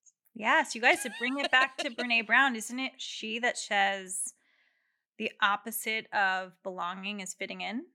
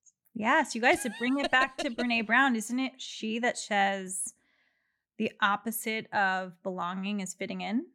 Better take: second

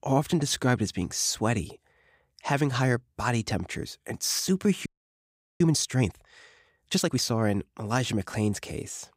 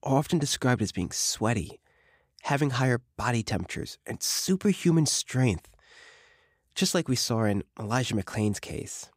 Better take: second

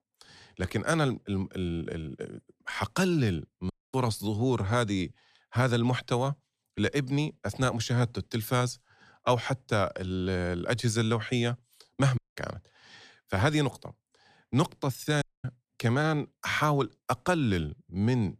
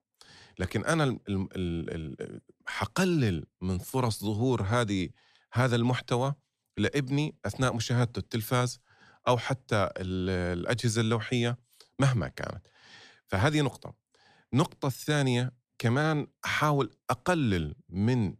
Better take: second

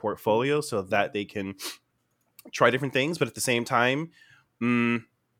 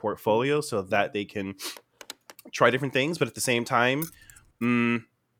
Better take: first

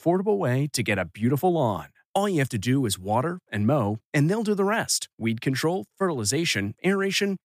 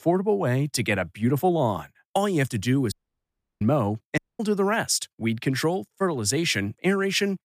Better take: first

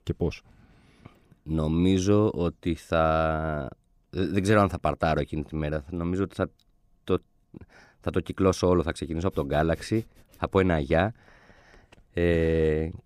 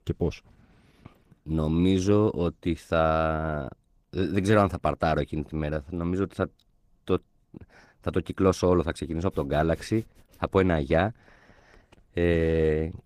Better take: first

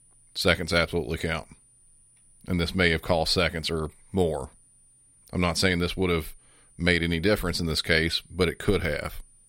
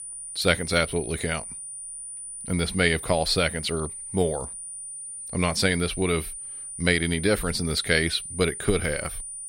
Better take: first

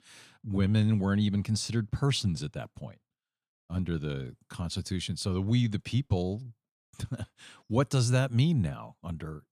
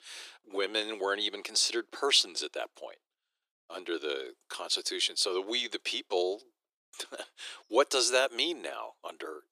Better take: first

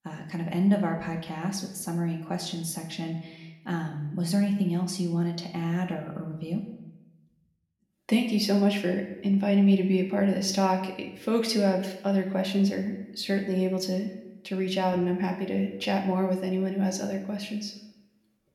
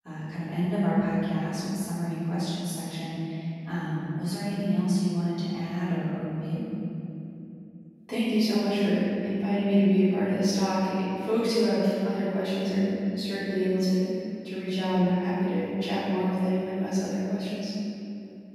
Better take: first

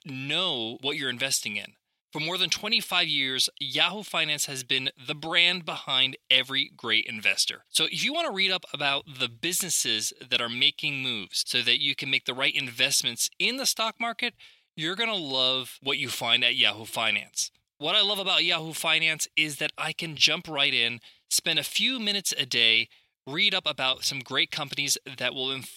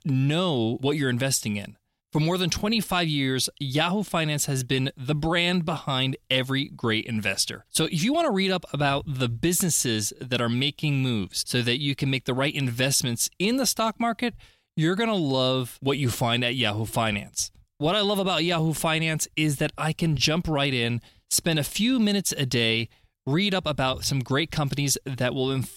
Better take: second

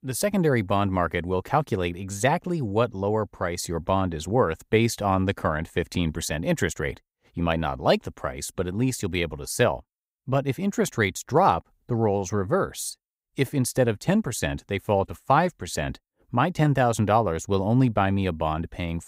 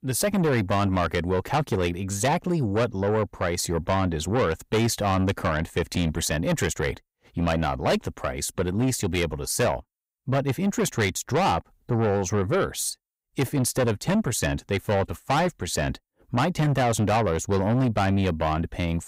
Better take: first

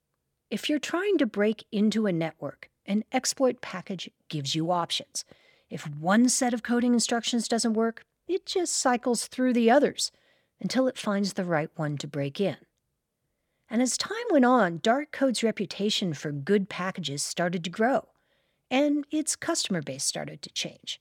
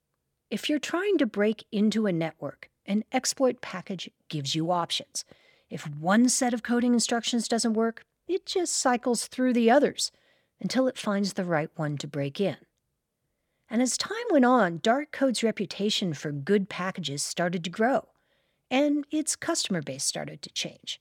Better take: neither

